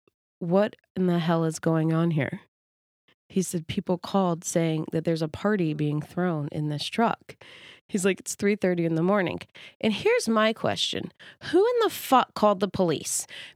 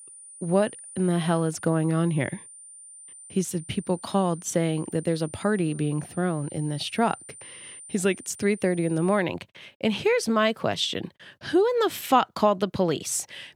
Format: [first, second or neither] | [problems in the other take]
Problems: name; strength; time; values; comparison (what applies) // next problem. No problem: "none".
first | high-pitched whine; noticeable; until 9 s; 9 kHz, 15 dB below the speech